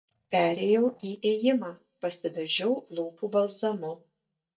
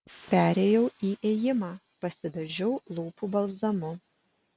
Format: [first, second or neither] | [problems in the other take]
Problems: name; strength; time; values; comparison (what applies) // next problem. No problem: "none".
second | noise reduction (neural mask model DeepFilterNet 3)